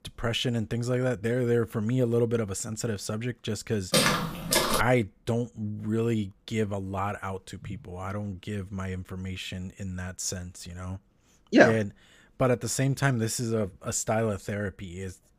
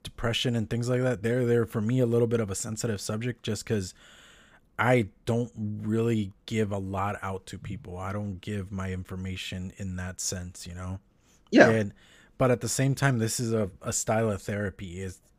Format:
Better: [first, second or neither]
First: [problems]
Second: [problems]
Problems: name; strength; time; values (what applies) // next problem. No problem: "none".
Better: second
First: footsteps; loud; at 4 s; peak 6 dB above the speech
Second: none